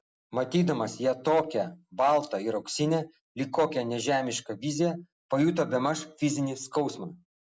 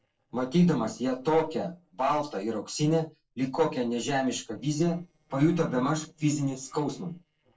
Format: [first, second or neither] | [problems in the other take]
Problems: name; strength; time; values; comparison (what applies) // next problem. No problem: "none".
first | noise reduction (neural separator model SepFormer DNS4)